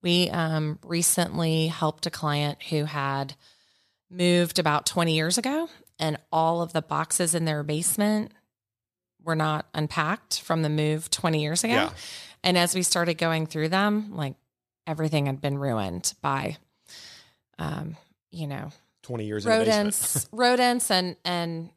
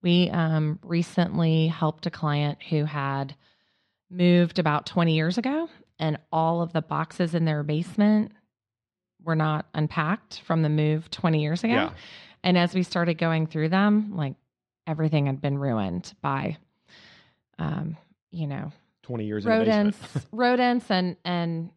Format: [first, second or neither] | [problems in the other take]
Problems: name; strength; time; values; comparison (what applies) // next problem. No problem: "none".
first | muffled; slightly; fading above 3.5 kHz